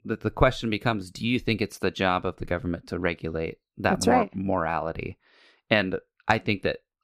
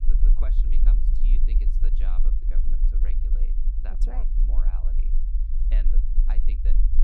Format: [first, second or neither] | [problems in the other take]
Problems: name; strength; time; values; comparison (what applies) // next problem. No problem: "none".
first | low rumble; loud; throughout; 2 dB below the speech